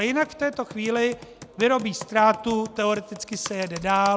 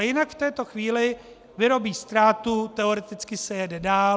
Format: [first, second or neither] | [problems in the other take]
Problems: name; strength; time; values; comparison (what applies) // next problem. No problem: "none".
second | background sound (Computer keyboard); 19 dB below the speech